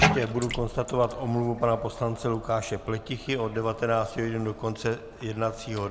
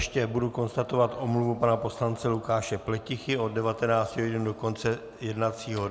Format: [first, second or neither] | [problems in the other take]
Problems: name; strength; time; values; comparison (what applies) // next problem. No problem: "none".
second | background sound (Bathtub (filling or washing)); 6 dB below the speech